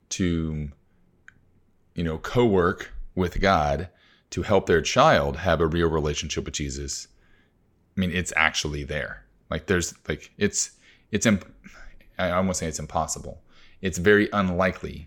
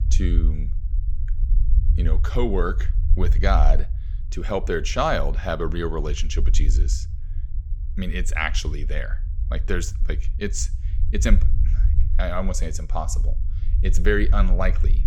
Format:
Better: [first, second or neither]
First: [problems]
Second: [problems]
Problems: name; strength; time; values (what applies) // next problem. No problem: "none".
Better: first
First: none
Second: low rumble; noticeable; throughout; 15 dB below the speech